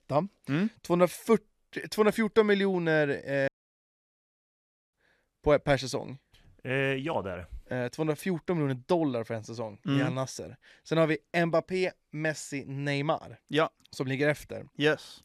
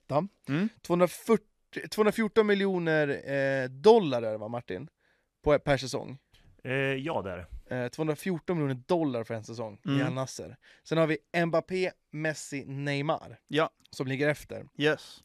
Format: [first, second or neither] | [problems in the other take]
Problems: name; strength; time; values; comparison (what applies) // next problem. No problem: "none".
second | audio cutting out; at 3.5 s for 1.5 s